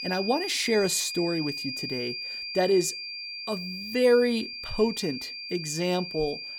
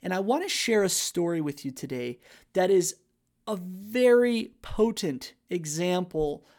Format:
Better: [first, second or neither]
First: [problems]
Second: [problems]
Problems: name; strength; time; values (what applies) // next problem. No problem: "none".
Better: second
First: high-pitched whine; loud; throughout; 5 kHz, 6 dB below the speech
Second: none